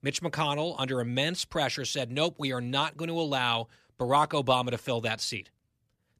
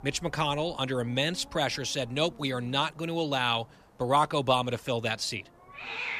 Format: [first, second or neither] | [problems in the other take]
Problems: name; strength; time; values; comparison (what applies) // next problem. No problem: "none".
first | hiss; noticeable; throughout; 20 dB below the speech